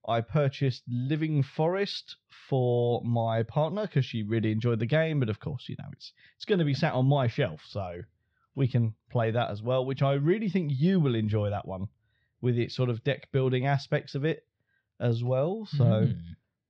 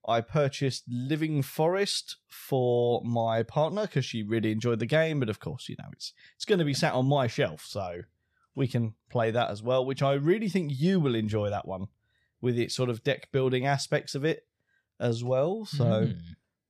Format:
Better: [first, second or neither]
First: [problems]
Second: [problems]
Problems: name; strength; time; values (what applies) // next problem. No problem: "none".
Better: second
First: muffled; very slightly; fading above 4.5 kHz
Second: none